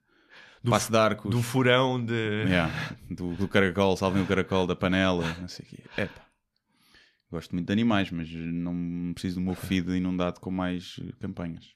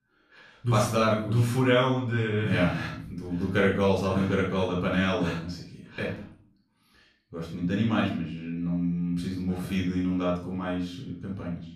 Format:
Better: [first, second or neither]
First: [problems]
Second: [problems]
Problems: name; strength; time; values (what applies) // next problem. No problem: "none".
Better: first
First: none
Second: room echo; noticeable; dies away in 0.4 s // off-mic speech; far